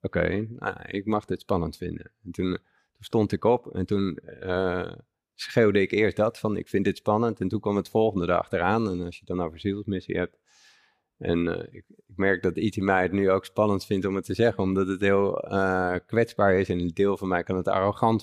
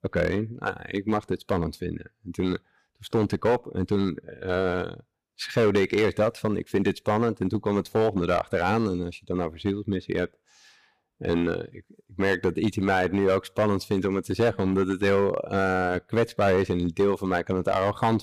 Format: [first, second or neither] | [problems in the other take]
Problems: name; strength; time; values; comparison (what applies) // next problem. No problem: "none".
first | distortion; slight; 4% of the sound clipped